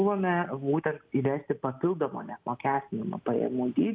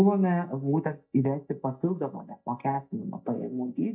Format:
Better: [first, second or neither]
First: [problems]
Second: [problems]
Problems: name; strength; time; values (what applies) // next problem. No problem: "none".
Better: first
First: none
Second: noise reduction (neural mask model DeepFilterNet 3)